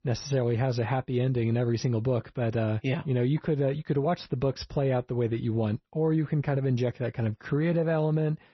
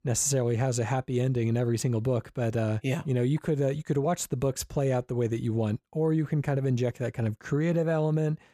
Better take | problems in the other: second | garbled, watery; slightly; nothing above 6 kHz

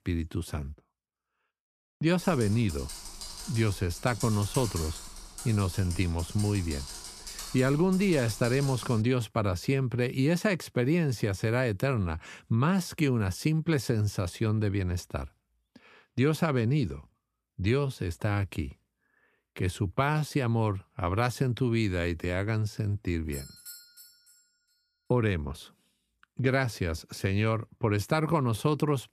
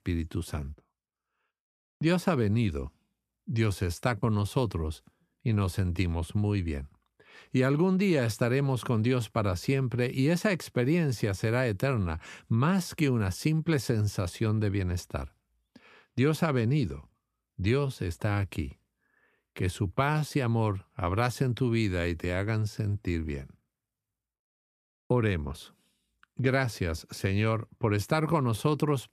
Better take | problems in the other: second | keyboard typing; noticeable; from 2 to 9 s; peak 7 dB below the speech // doorbell; faint; from 23 to 24 s; peak 15 dB below the speech

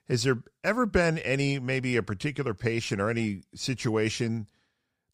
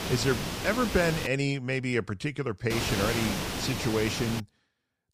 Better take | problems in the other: first | hiss; loud; until 1.5 s and from 2.5 to 4.5 s; 3 dB below the speech

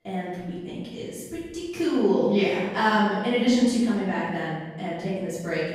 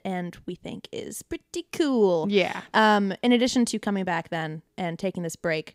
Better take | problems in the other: second | off-mic speech; far // room echo; strong; dies away in 1.3 s

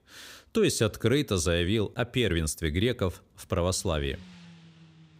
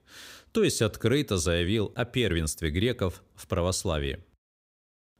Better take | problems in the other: second | traffic noise; faint; throughout; 25 dB below the speech

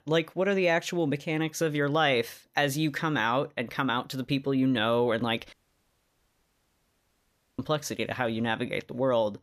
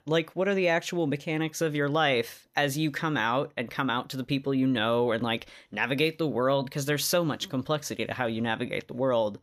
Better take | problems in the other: second | audio cutting out; at 5.5 s for 2 s

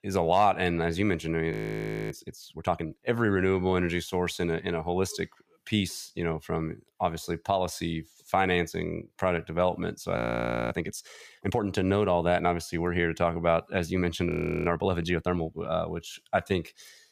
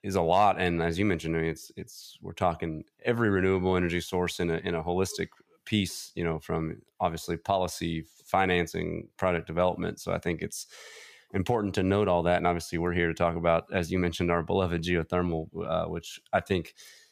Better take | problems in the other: second | audio freezing; at 1.5 s for 0.5 s, at 10 s for 0.5 s and at 14 s

